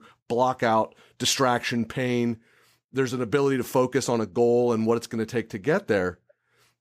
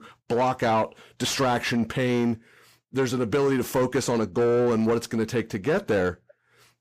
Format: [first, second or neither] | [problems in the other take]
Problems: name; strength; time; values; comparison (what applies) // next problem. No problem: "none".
first | distortion; slight; 10 dB below the speech